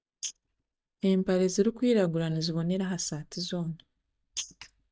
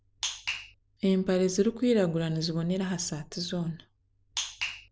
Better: second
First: noise reduction (neural mask model DeepFilterNet 3)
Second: none

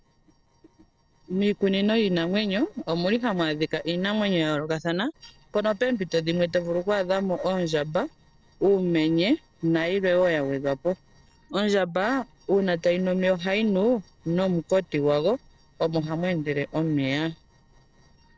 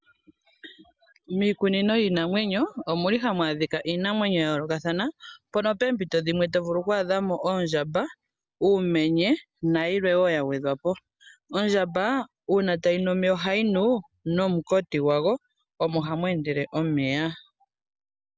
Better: second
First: noise reduction (neural separator model SepFormer DNS4)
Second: none

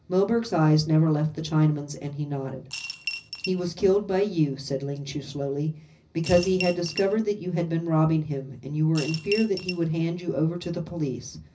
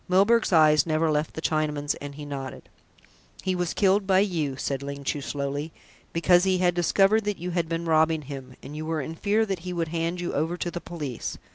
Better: second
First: background sound (Coin (dropping) / Glass); 10 dB below the speech // room echo; dies away in 0.4 s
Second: none

